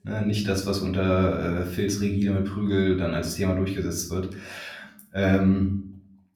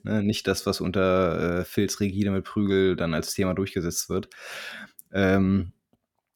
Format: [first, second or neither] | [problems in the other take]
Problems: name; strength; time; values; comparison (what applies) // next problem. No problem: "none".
second | off-mic speech; somewhat distant // room echo; slight; dies away in 0.5 s